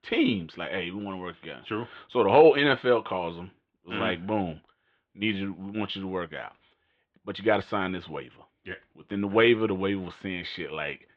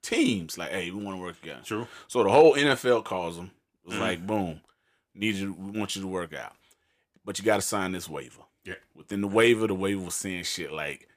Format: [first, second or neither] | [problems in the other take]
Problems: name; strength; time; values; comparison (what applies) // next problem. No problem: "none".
second | muffled; very; fading above 3.5 kHz